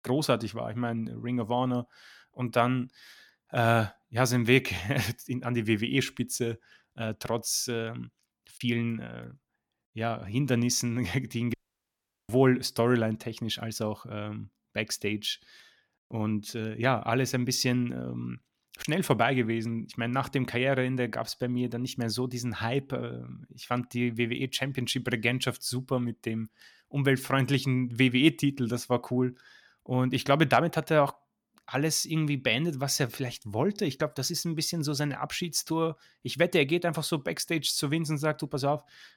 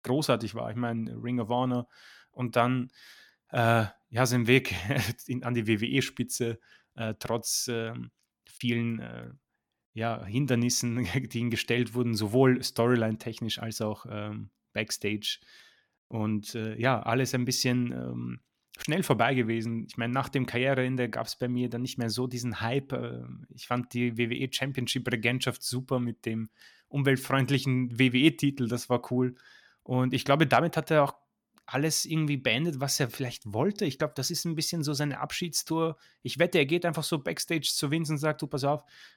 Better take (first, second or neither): second